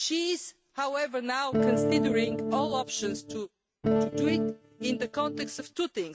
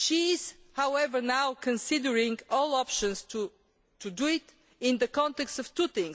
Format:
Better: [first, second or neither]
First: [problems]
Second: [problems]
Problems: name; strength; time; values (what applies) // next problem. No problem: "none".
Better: second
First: noise reduction (neural mask model RNNoise)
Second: none